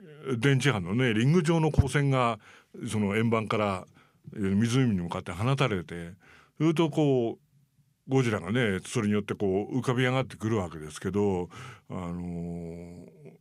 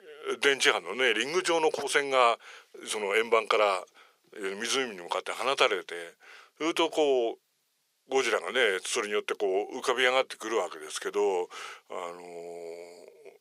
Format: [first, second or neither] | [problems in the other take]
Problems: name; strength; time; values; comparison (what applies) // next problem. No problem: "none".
first | thin; very; fading below 450 Hz